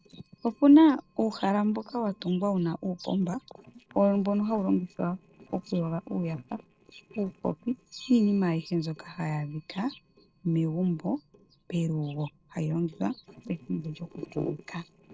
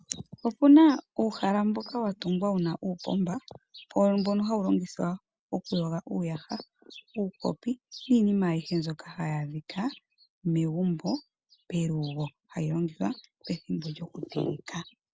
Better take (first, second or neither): second